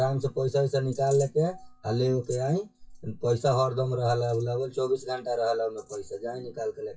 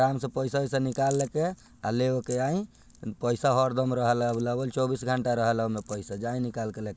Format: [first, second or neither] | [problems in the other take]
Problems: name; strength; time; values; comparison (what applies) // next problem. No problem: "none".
second | noise reduction (classical method WPE with log-MMSE)